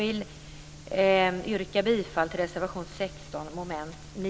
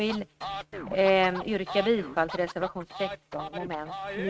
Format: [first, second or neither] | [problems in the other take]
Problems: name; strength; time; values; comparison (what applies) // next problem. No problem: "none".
first | noise reduction (neural mask model RNNoise)